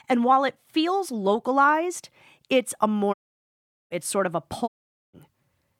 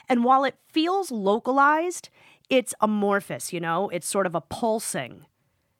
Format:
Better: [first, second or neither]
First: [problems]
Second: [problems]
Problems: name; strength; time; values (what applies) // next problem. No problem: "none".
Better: second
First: audio cutting out; at 3 s for 1 s and at 4.5 s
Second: none